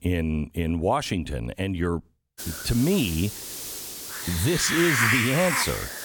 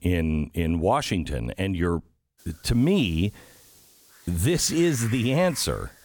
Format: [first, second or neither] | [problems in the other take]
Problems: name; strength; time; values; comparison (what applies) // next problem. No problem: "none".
second | hiss; loud; from 2.5 s on; 1 dB below the speech; faint in the second